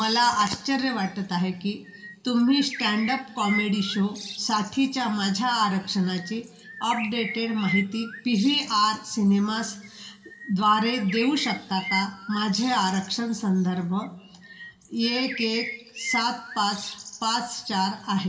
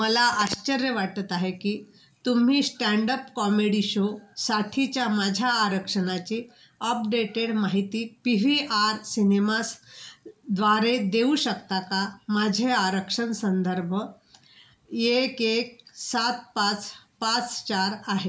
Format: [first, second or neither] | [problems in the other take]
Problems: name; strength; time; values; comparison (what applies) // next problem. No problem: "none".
second | background sound (Bird); 13 dB below the speech // room echo; dies away in 1.4 s